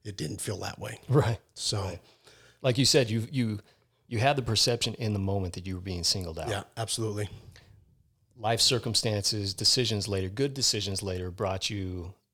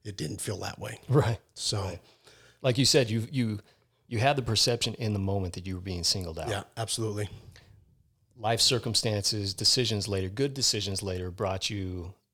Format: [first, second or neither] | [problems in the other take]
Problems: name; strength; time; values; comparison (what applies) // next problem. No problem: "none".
neither | none